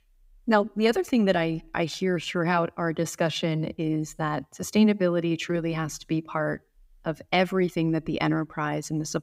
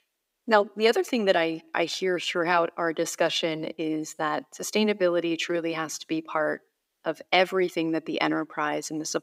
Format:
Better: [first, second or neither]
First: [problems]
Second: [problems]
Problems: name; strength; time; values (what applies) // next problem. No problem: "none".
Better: first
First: none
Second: thin; somewhat; fading below 400 Hz